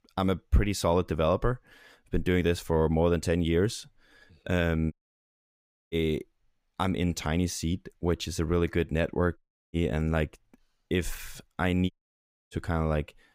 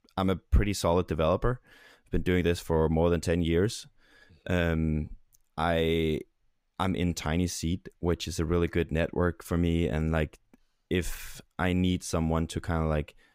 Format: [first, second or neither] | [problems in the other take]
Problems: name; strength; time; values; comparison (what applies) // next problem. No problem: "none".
second | audio cutting out; at 5 s for 1 s, at 9.5 s and at 12 s for 0.5 s